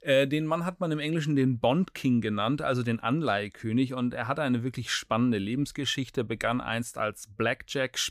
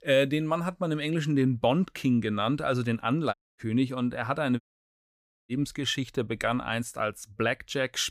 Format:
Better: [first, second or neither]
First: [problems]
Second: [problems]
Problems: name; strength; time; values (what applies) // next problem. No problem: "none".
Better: first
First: none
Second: audio cutting out; at 3.5 s and at 4.5 s for 1 s